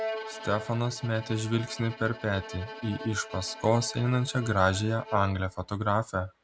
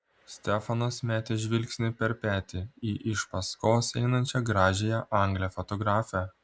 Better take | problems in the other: second | background sound (Bowed string instrument); 13 dB below the speech

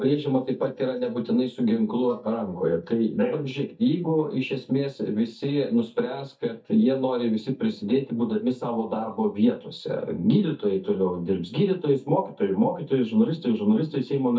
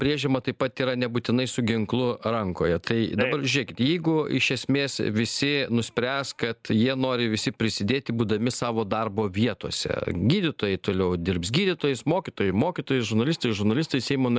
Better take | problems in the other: second | noise reduction (neural mask model DeepFilterNet 3)

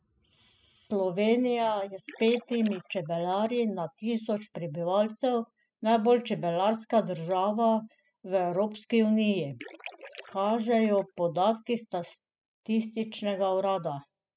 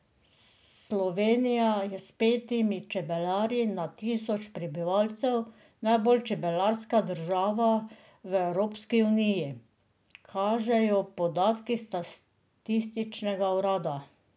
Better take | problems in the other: second | noise reduction (classical method spectral subtraction)

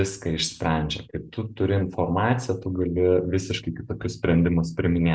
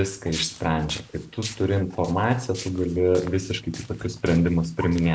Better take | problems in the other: first | background sound (Walk, footsteps); 17 dB below the speech

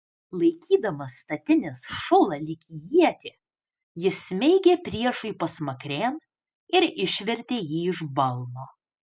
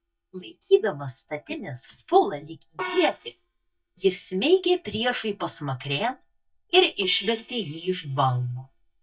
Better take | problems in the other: first | noise reduction (neural mask model DeepFilterNet 3)

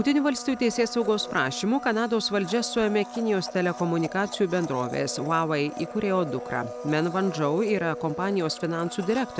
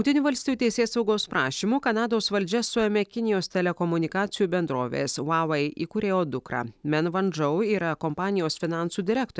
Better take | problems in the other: second | background sound (Domestic sounds, home sounds); 12 dB below the speech

